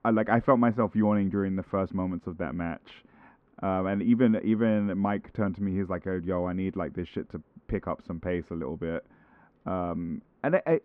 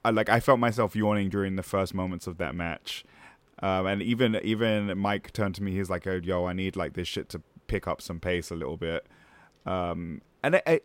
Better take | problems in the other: second | muffled; very; fading above 1.5 kHz

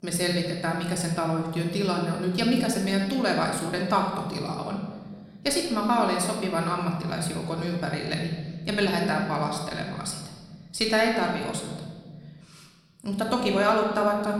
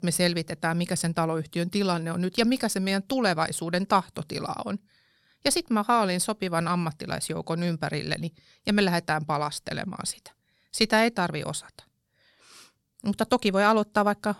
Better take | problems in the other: second | room echo; noticeable; dies away in 1.4 s // off-mic speech; somewhat distant

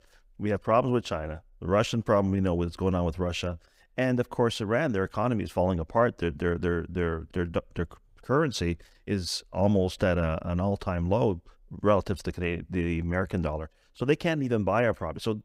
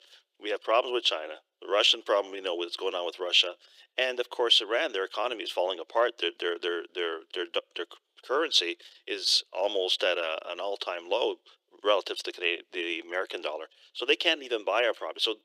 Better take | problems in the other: first | thin; very; fading below 350 Hz

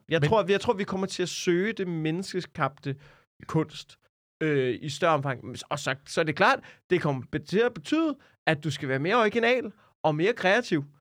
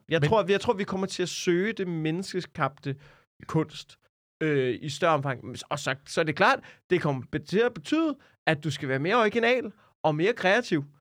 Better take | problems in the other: neither | none

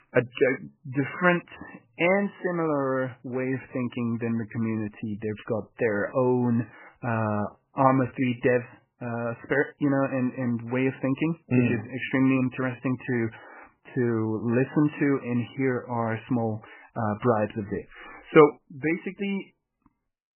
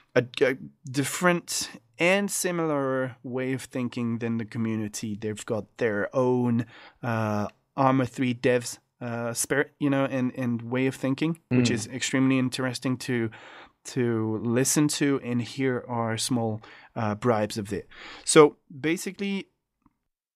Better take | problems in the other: second | garbled, watery; badly; nothing above 3 kHz

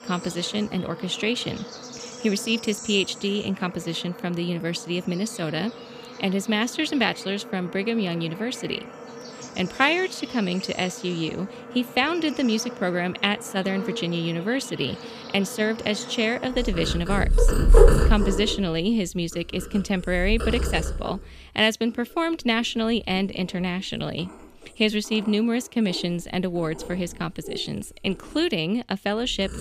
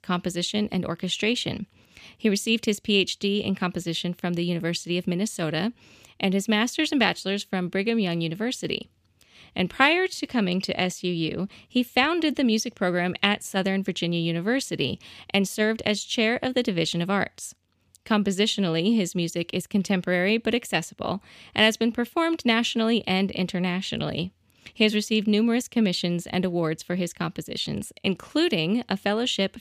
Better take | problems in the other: second | animal sounds; loud; throughout; 5 dB below the speech

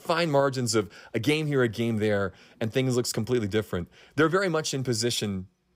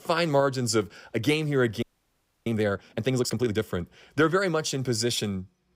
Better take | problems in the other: first | audio freezing; at 2 s for 0.5 s

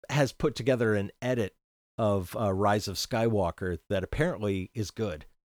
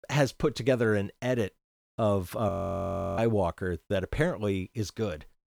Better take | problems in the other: first | audio freezing; at 2.5 s for 0.5 s

